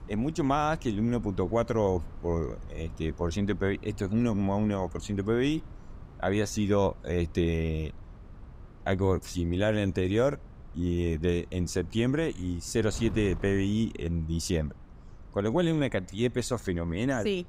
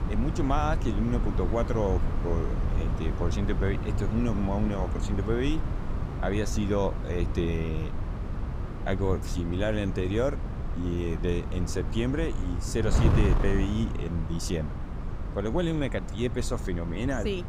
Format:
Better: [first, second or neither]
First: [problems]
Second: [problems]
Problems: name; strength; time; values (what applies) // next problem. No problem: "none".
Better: first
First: wind noise on the microphone; occasional gusts; 25 dB below the speech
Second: wind noise on the microphone; heavy; 8 dB below the speech